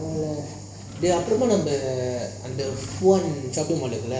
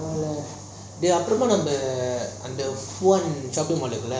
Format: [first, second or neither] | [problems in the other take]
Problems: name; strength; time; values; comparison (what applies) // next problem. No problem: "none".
second | background sound (Drawer open or close); 17 dB below the speech // room echo; dies away in 1.4 s